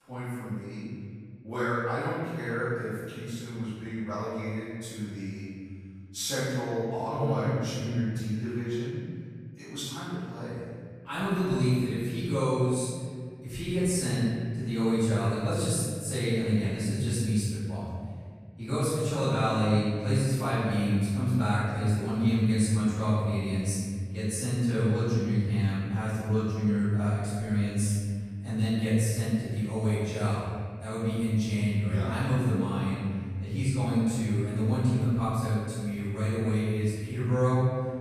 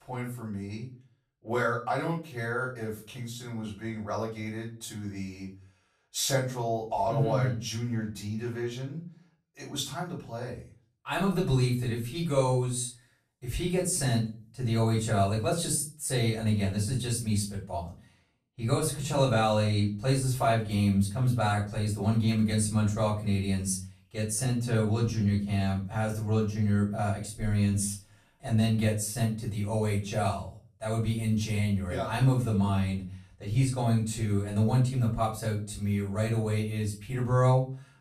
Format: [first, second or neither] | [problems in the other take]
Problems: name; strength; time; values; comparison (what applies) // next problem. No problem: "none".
second | room echo; strong; dies away in 2.2 s; slight in the second // off-mic speech; far; far in the second